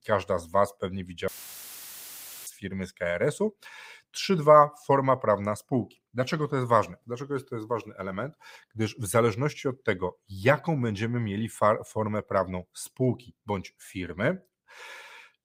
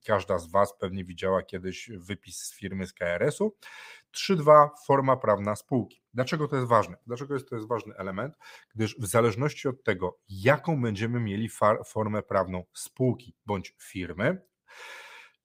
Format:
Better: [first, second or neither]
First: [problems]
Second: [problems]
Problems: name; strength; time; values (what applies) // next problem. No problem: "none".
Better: second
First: audio cutting out; filled with static; at 1.5 s for 1 s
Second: none